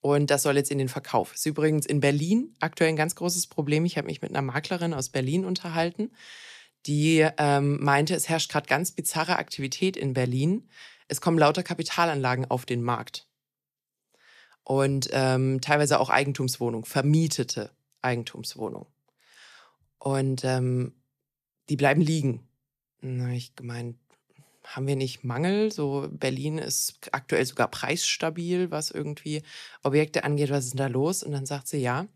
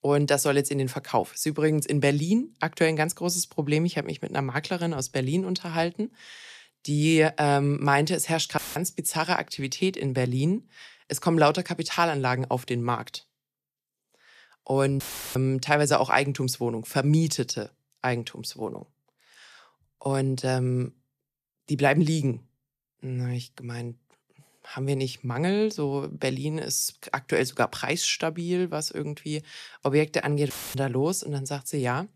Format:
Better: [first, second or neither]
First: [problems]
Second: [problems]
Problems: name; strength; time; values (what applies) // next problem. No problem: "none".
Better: first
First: none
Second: audio cutting out; filled with static; at 8.5 s, at 15 s and at 31 s